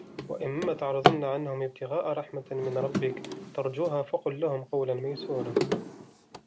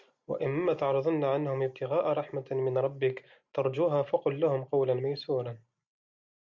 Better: second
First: background sound (Drawer open or close); 2 dB below the speech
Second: none

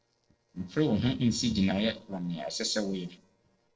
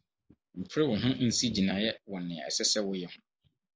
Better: second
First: noise reduction (neural separator model SepFormer DNS4)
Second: none

